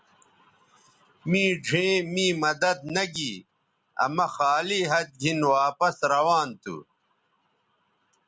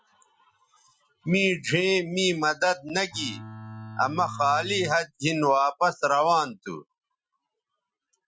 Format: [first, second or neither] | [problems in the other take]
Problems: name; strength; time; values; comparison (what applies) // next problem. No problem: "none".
first | noise reduction (classical method Wiener filter)